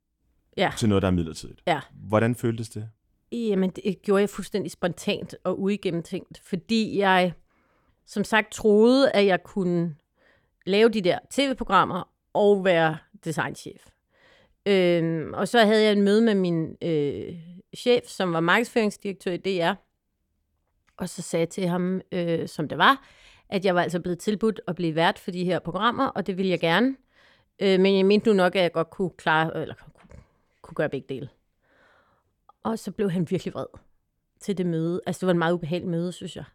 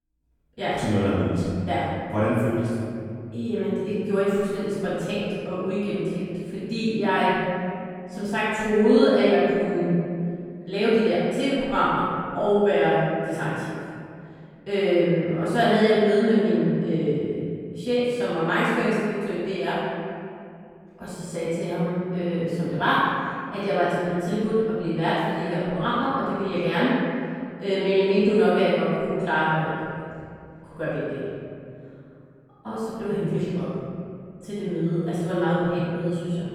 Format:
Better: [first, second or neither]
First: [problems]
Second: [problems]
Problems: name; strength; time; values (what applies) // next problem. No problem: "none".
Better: first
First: none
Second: off-mic speech; far // room echo; strong; dies away in 2.5 s